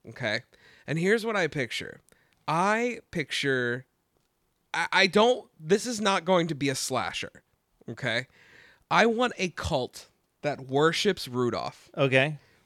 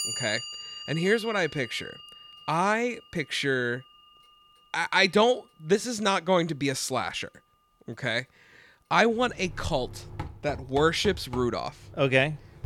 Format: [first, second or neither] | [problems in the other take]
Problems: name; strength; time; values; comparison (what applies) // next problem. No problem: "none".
first | household noises; noticeable; throughout; 15 dB below the speech